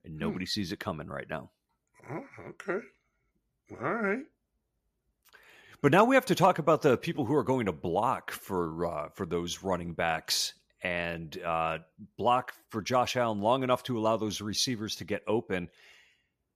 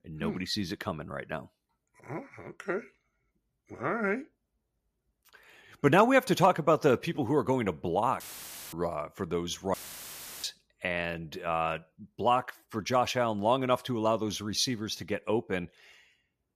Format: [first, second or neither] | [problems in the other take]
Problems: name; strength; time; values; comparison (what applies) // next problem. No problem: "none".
first | audio cutting out; filled with static; at 8 s for 0.5 s and at 9.5 s for 0.5 s